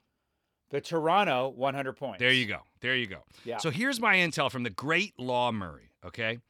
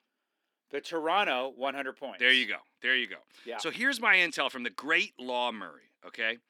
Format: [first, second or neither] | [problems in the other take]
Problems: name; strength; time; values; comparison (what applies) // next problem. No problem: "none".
first | thin; very slightly; fading below 250 Hz